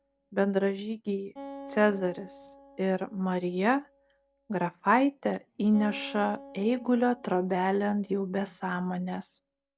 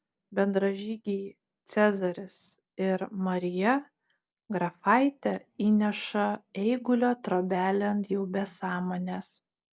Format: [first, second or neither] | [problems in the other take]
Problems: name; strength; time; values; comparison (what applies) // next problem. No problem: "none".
second | background sound (Acoustic guitar); 20 dB below the speech